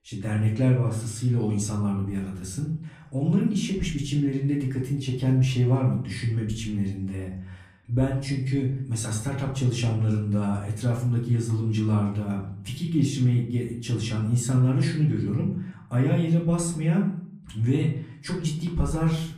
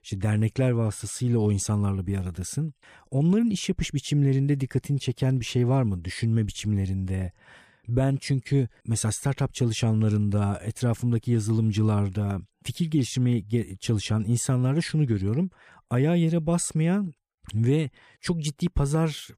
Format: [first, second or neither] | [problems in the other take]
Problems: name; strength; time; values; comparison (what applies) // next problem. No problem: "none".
second | off-mic speech; far // room echo; slight; dies away in 0.5 s